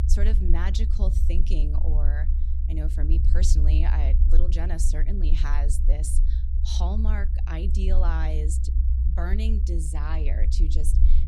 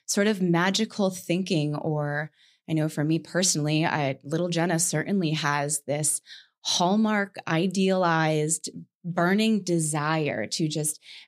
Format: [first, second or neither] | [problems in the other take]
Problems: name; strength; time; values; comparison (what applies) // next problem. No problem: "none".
second | low rumble; loud; throughout; 7 dB below the speech